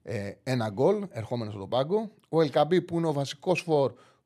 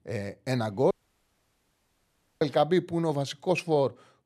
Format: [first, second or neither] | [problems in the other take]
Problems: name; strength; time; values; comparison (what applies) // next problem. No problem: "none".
first | audio cutting out; at 1 s for 1.5 s